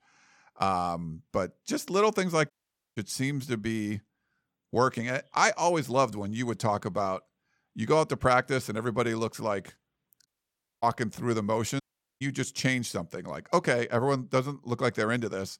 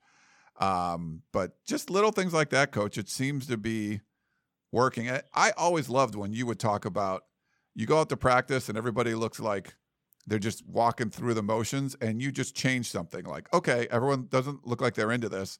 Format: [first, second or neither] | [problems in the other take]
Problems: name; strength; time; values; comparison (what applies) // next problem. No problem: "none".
second | audio cutting out; at 2.5 s, at 10 s for 0.5 s and at 12 s